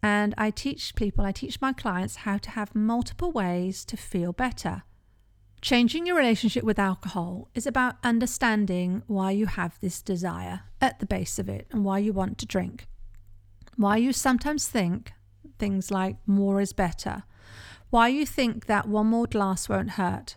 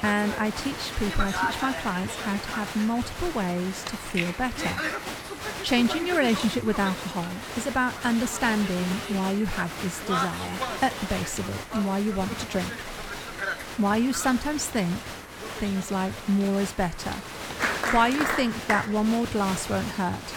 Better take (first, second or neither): first